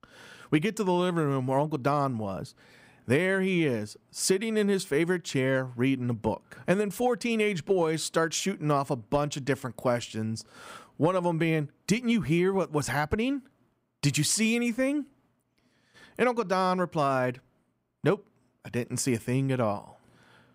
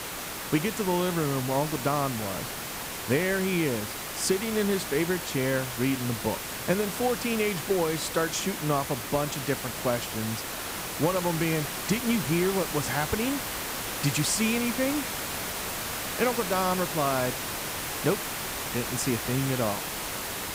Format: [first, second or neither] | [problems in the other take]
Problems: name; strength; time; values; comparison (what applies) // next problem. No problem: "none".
first | hiss; loud; throughout; 4 dB below the speech